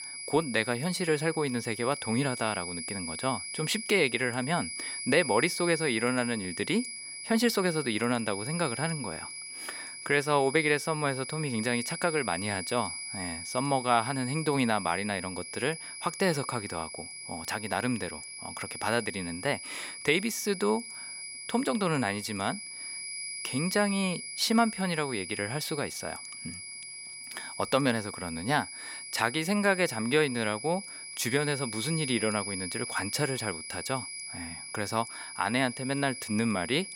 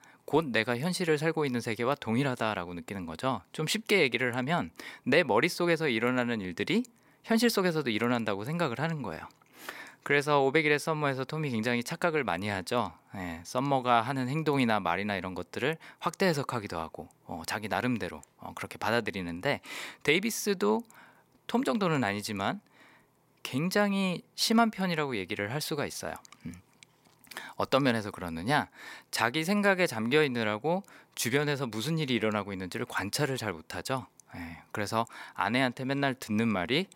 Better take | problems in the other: second | high-pitched whine; loud; throughout; 2.5 kHz, 8 dB below the speech

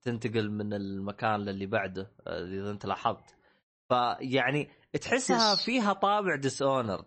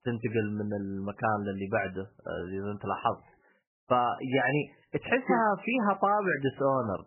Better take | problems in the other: first | garbled, watery; badly; nothing above 3 kHz; slightly in the first

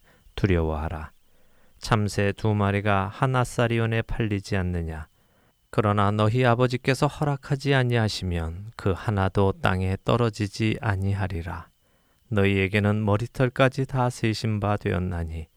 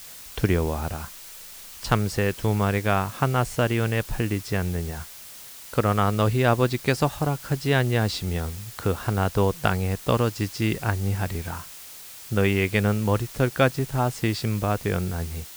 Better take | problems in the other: first | hiss; noticeable; throughout; 15 dB below the speech

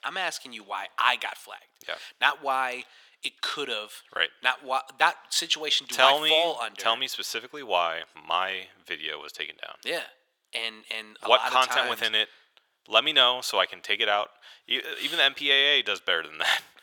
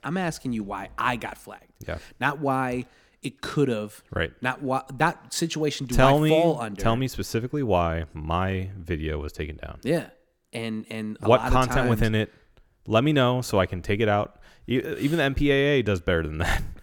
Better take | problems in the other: second | thin; very; fading below 850 Hz

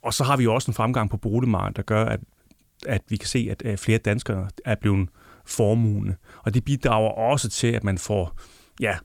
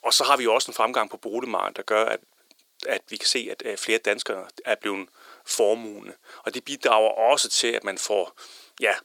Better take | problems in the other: first | thin; very; fading below 400 Hz

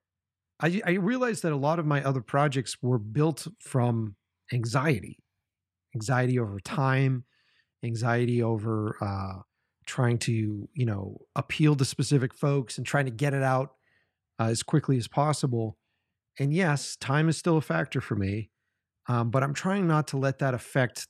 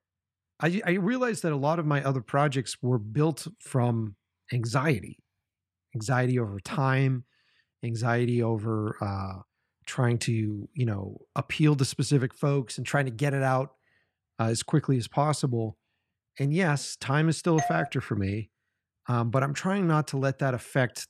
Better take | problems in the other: first | doorbell; noticeable; at 18 s; peak 4 dB below the speech

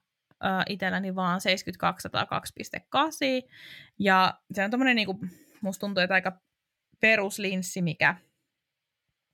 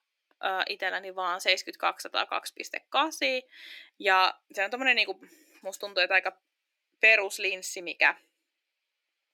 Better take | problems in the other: first | thin; very; fading below 300 Hz

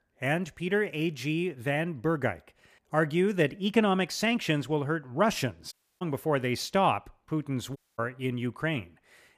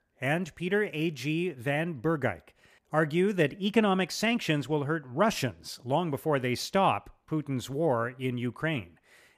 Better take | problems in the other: second | audio cutting out; at 5.5 s and at 8 s

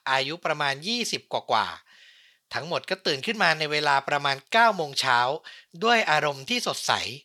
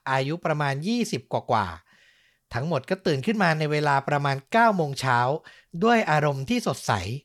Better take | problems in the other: second | thin; somewhat; fading below 700 Hz

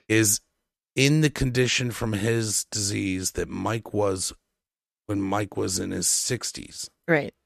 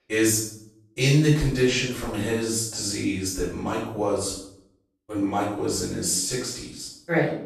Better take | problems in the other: first | off-mic speech; far // room echo; noticeable; dies away in 0.6 s

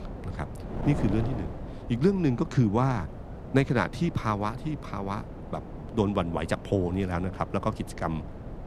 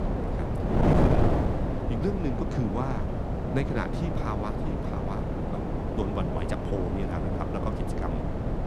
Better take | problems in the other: first | wind noise on the microphone; heavy; 4 dB above the speech; occasional gusts in the first

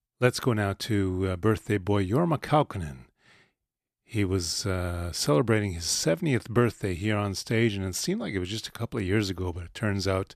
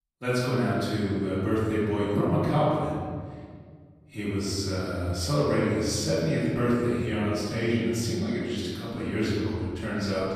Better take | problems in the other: first | room echo; strong; dies away in 1.7 s // off-mic speech; far

